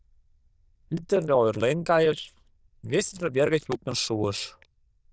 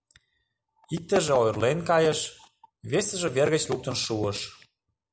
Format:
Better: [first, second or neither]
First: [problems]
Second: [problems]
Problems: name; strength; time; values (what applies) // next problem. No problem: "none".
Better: second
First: noise reduction (neural diffusion model UNIVERSE++)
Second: none